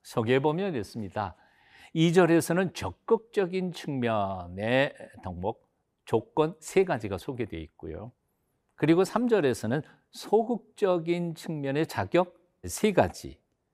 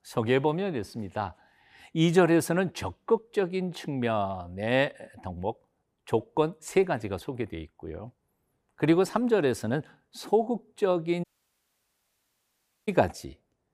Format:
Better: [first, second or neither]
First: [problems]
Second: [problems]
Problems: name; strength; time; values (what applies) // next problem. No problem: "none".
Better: first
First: none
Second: audio cutting out; at 11 s for 1.5 s